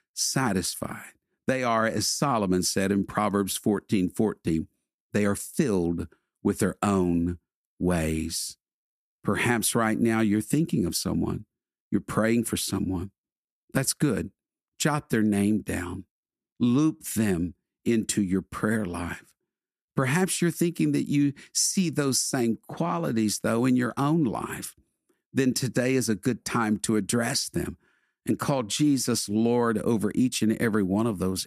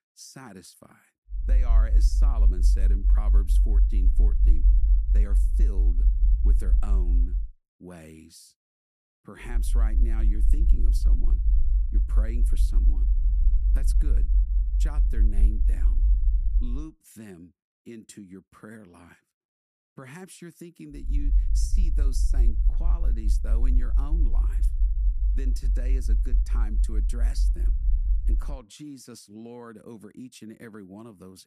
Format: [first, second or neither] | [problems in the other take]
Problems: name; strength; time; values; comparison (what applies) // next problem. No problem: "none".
first | low rumble; loud; from 1.5 to 7.5 s, from 9.5 to 17 s and from 21 to 28 s; 3 dB below the speech